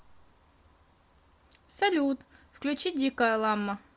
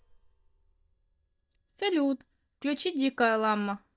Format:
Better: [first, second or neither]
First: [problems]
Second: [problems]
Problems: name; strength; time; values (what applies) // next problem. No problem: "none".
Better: first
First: none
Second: noise reduction (neural mask model DeepFilterNet 3)